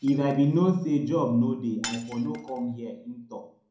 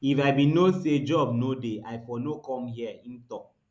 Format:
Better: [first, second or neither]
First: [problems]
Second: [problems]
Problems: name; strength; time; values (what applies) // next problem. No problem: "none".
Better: second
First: background sound (Shatter); 19 dB below the speech // room echo; dies away in 0.4 s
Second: none